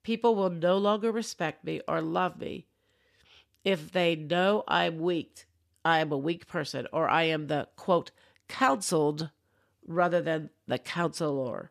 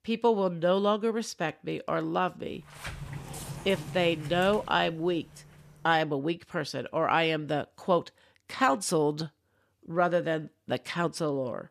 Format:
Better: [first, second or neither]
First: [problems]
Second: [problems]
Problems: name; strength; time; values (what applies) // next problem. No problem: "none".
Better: first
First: none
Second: door banging; faint; from 2.5 to 6 s; peak 10 dB below the speech